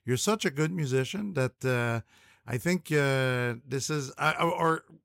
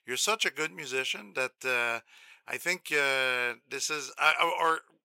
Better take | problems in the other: first | thin; very; fading below 600 Hz

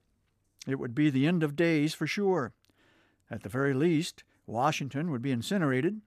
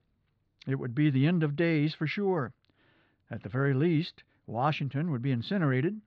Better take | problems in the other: first | muffled; very slightly; fading above 4 kHz

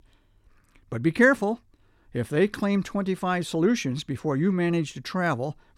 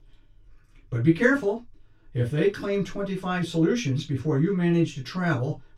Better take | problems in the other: first | room echo; very slight; dies away in 0.1 s // off-mic speech; far

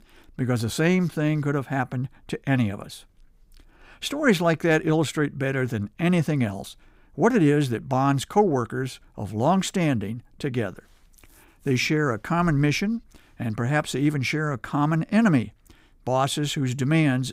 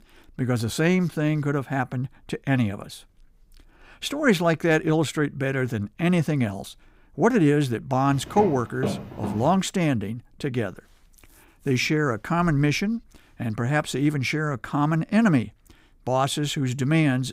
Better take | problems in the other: first | footsteps; noticeable; from 8 to 9.5 s; peak 6 dB below the speech

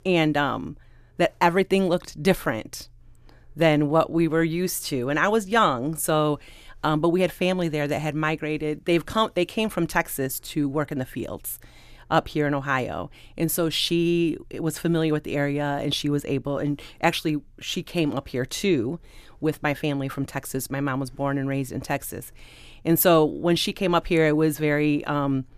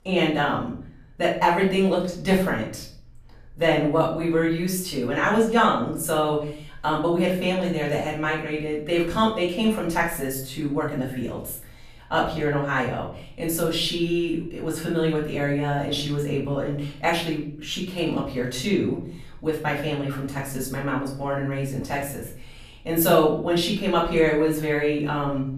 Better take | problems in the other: first | off-mic speech; far // room echo; slight; dies away in 0.5 s

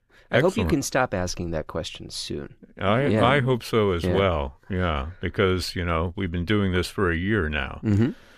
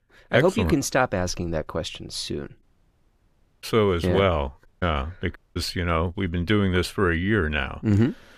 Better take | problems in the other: first | audio cutting out; at 2.5 s for 1 s, at 4.5 s and at 5.5 s

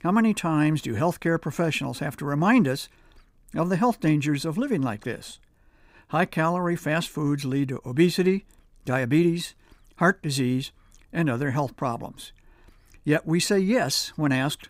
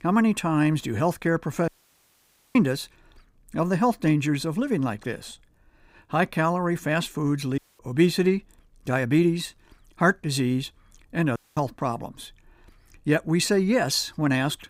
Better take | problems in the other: first | audio cutting out; at 1.5 s for 1 s, at 7.5 s and at 11 s

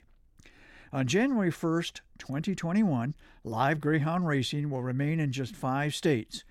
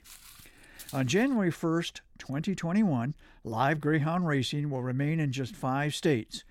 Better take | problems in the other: first | footsteps; faint; until 1.5 s; peak 15 dB below the speech

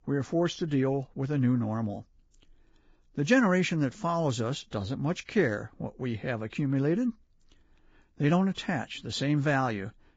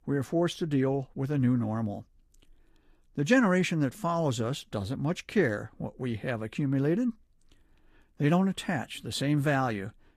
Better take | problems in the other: second | garbled, watery; badly; nothing above 7.5 kHz; slightly in the second

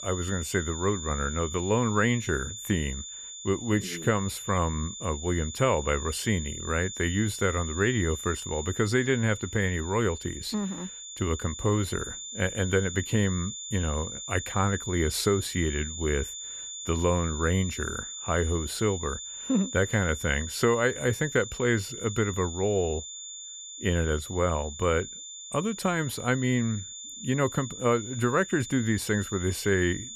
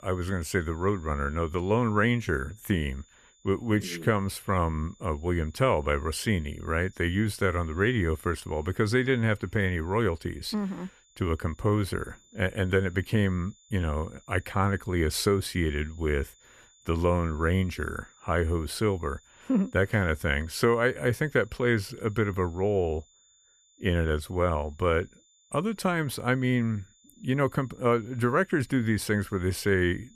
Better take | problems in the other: second | high-pitched whine; loud; throughout; 7 kHz, 9 dB below the speech; faint in the second

